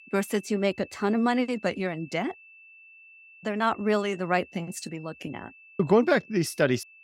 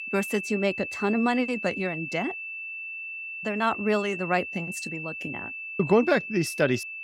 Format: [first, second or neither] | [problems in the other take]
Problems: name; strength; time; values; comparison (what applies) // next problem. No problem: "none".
first | high-pitched whine; loud; throughout; 2.5 kHz, 7 dB below the speech; faint in the first